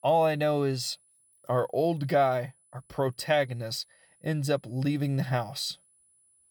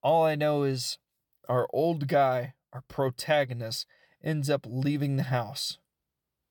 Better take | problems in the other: second | high-pitched whine; faint; throughout; 10 kHz, 35 dB below the speech

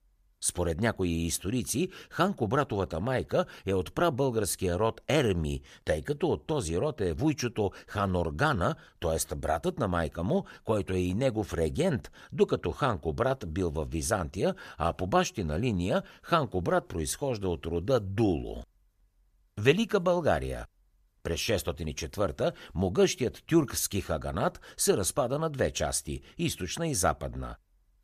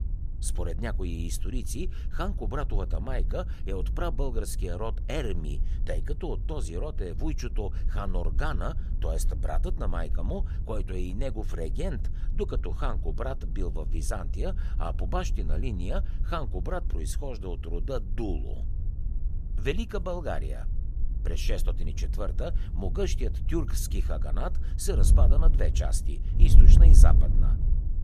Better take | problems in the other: first | wind noise on the microphone; occasional gusts; 10 dB below the speech

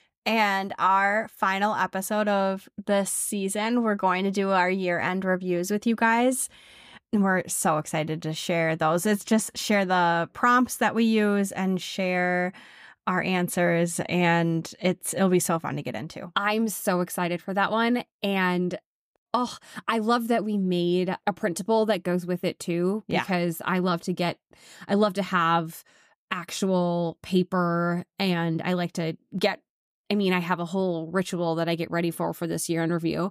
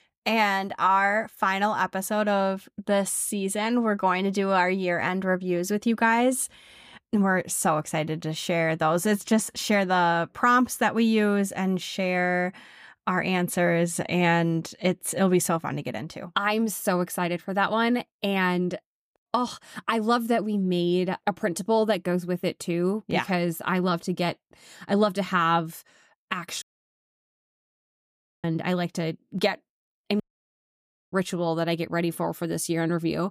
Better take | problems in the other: first | audio cutting out; at 27 s for 2 s and at 30 s for 1 s

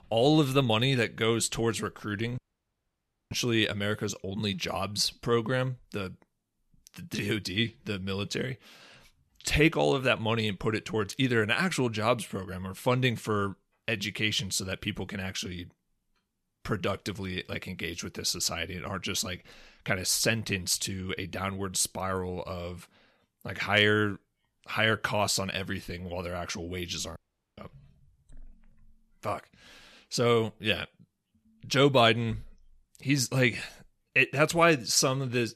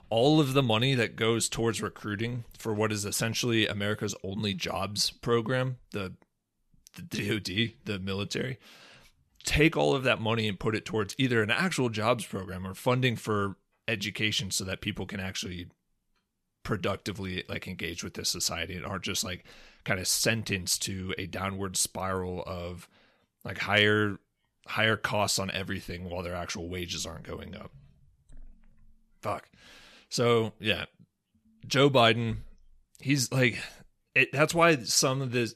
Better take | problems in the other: second | audio cutting out; at 2.5 s for 1 s and at 27 s

